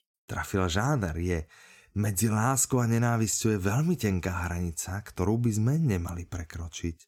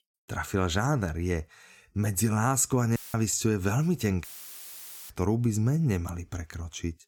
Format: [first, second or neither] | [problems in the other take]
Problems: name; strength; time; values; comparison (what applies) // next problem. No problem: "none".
first | audio cutting out; filled with static; at 3 s and at 4 s for 1 s